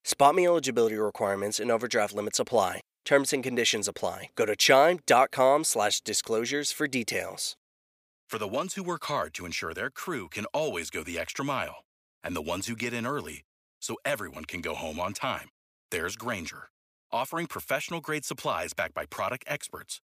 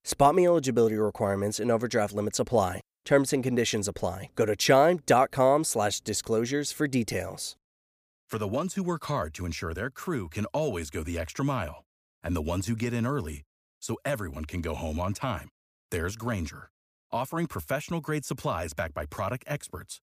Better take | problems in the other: second | thin; very slightly; fading below 1 kHz

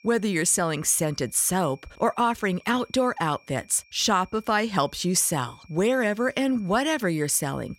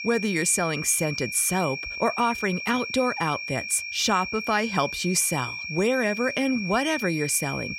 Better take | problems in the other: first | high-pitched whine; loud; throughout; 2.5 kHz, 6 dB below the speech; faint in the first

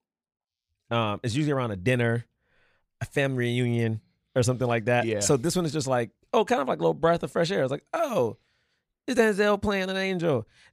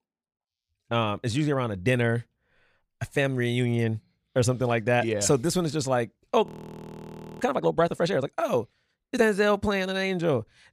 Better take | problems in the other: first | audio freezing; at 6.5 s for 1 s

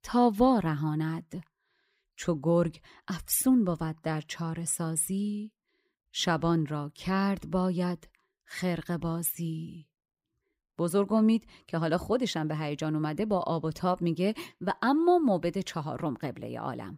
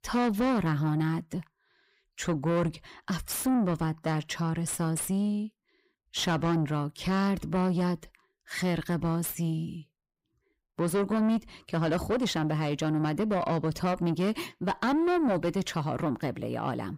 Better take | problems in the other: first | distortion; heavy; 7 dB below the speech

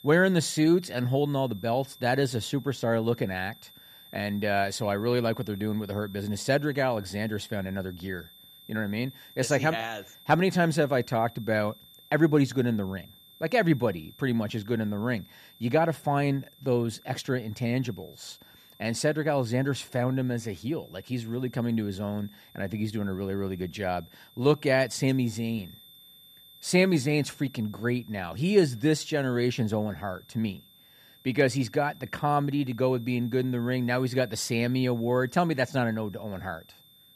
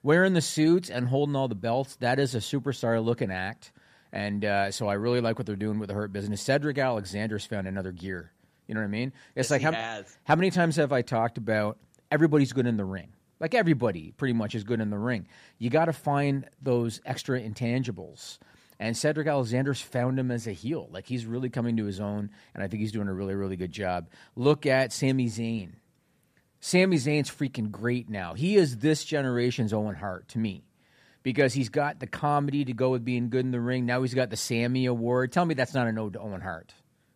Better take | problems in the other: second | high-pitched whine; faint; throughout; 3.5 kHz, 25 dB below the speech

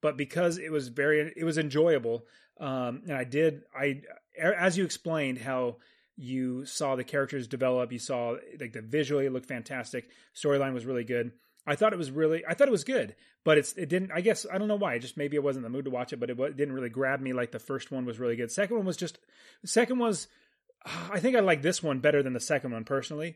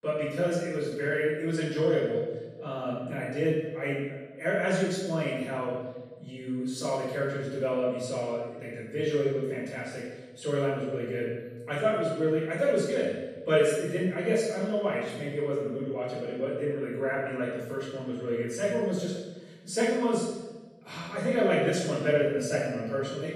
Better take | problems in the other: first | off-mic speech; far // room echo; strong; dies away in 1 s

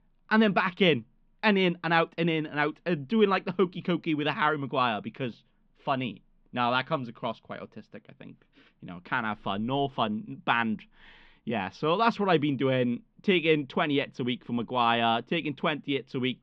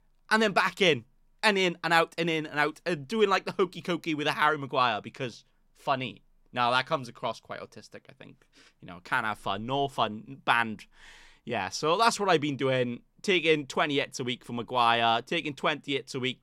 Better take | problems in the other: second | muffled; slightly; fading above 3.5 kHz

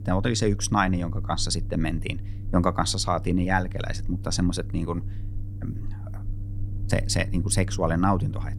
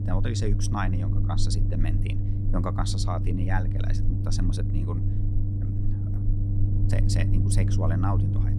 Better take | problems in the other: first | low rumble; loud; throughout; 4 dB below the speech; faint in the first

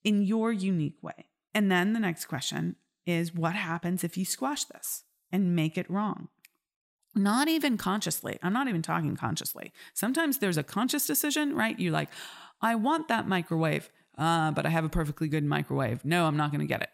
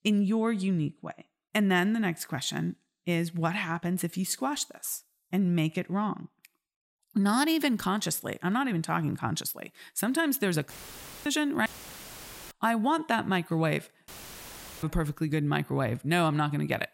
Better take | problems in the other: first | audio cutting out; filled with static; at 11 s for 0.5 s, at 12 s for 1 s and at 14 s for 1 s

